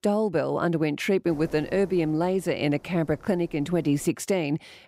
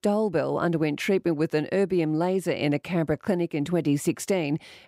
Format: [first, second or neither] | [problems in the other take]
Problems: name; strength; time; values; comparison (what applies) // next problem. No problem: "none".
second | wind noise on the microphone; occasional gusts; from 1.5 to 4 s; 25 dB below the speech